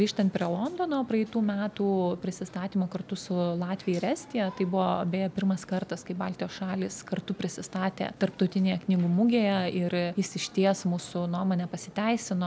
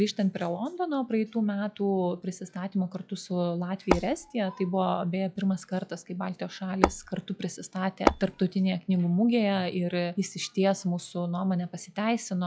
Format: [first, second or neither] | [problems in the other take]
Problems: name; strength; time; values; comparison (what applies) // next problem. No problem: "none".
first | noise reduction (classical method log-MMSE)